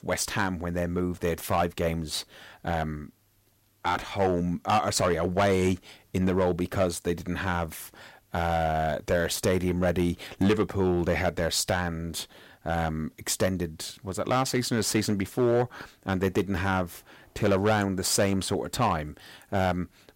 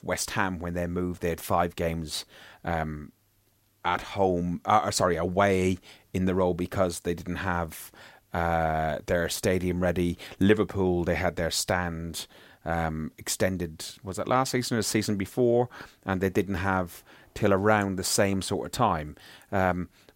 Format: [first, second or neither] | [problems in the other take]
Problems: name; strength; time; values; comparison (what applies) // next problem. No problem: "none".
second | distortion; slight; 3% of the sound clipped